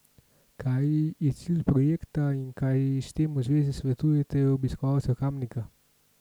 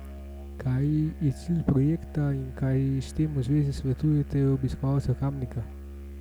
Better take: first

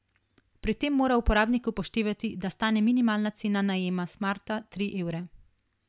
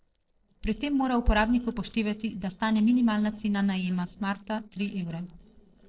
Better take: first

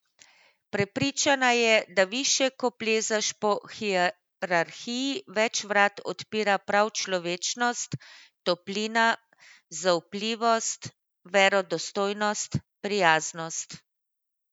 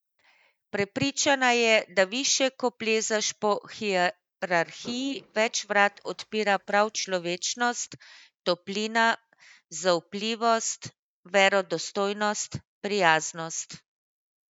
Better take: first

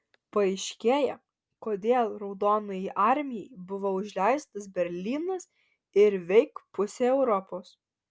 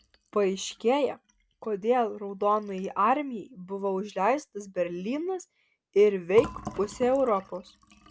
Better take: first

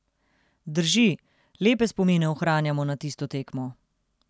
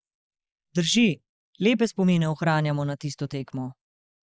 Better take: first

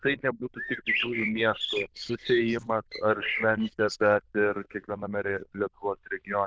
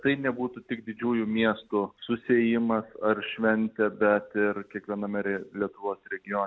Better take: second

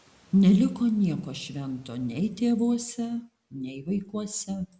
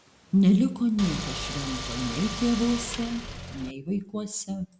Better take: first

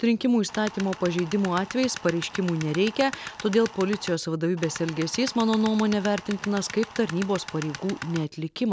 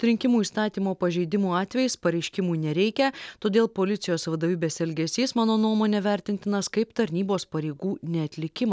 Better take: second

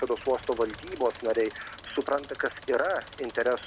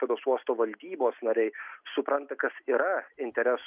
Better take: second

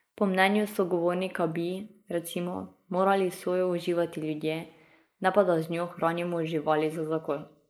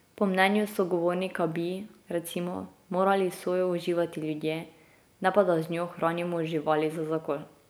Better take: second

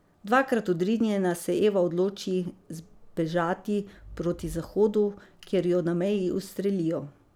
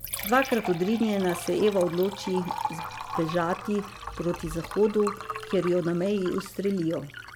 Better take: first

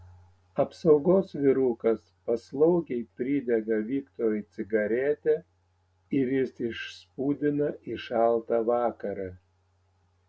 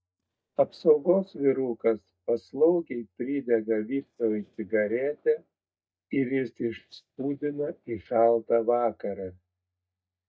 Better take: first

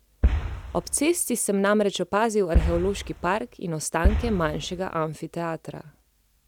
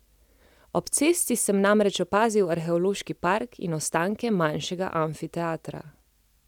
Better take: second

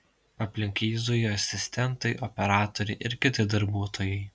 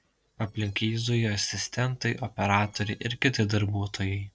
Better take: first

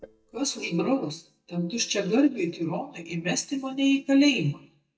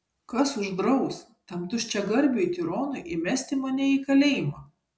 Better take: second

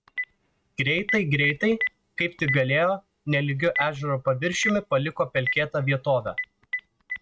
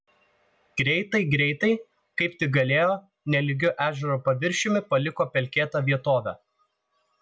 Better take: second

